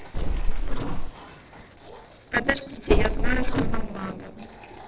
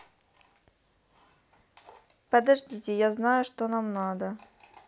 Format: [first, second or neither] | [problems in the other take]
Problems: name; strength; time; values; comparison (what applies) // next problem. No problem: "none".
second | noise reduction (neural separator model SepFormer DNS4)